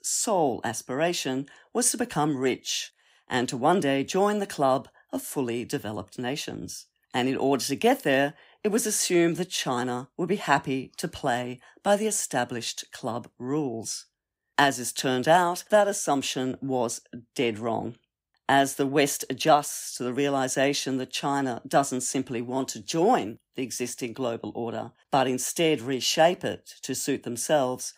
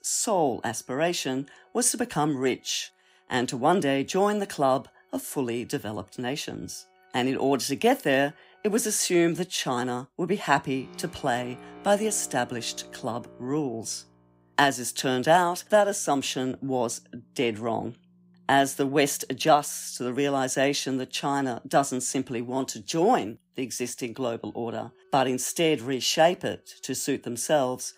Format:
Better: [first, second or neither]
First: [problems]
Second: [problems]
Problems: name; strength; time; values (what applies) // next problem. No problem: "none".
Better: first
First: none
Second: background music; faint; throughout; 30 dB below the speech